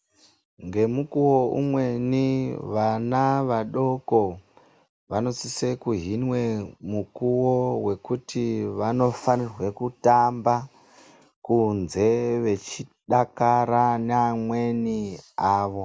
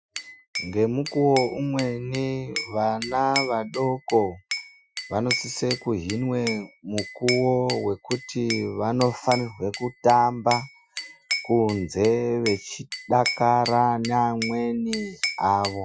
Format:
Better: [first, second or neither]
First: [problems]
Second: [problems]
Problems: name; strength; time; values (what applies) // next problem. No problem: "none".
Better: first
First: none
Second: noise reduction (classical method Wiener filter)